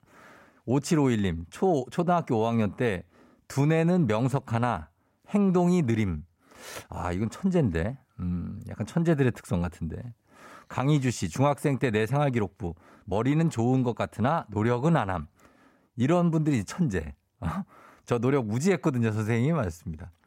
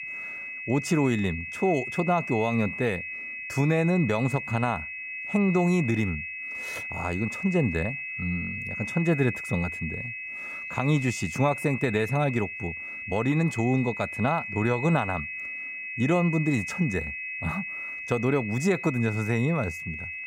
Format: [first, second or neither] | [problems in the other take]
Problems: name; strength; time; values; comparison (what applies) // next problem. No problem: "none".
first | high-pitched whine; loud; throughout; 2.5 kHz, 6 dB below the speech